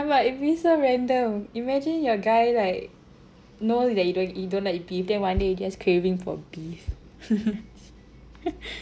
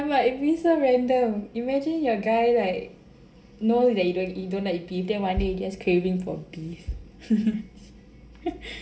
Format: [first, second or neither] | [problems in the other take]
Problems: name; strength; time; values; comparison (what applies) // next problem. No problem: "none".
first | room echo; dies away in 0.5 s